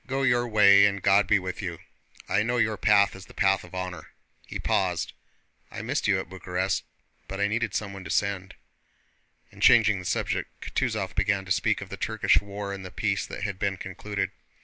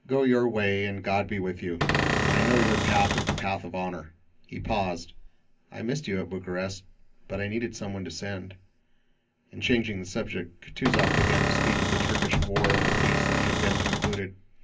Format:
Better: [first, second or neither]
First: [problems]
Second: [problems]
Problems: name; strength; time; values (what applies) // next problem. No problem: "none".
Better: first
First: none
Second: background sound (Cupboard open or close / Door); 5 dB above the speech // room echo; dies away in 0.3 s